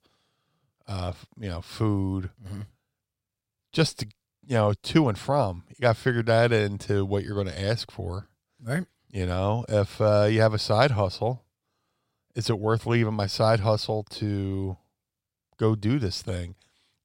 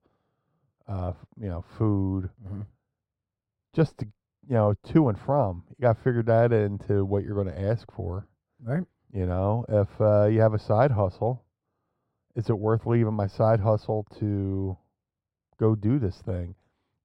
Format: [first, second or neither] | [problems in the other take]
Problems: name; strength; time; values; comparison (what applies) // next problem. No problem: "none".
first | muffled; very; fading above 2 kHz